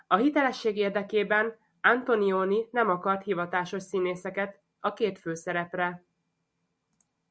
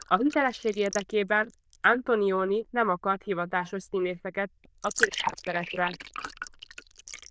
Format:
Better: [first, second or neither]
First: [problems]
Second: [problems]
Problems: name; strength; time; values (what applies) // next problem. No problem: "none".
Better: first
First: none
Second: noise reduction (neural diffusion model UNIVERSE++)